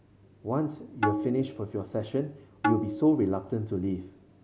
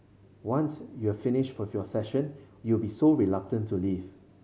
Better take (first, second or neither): second